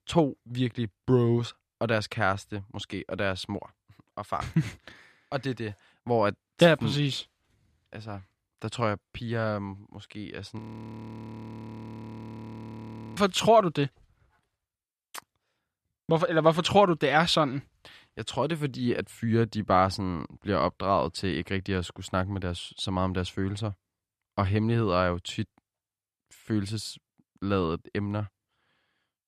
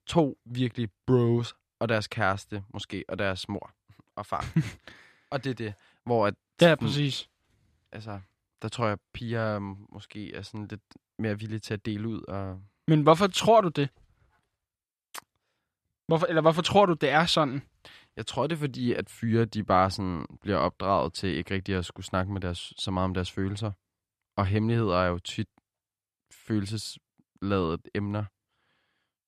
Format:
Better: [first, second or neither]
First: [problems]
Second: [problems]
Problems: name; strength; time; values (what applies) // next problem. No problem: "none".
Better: second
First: audio freezing; at 11 s for 2.5 s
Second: none